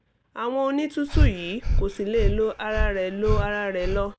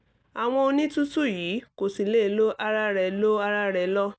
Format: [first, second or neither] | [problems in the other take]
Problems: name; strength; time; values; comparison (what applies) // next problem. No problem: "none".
second | background sound (Breathing); 2 dB above the speech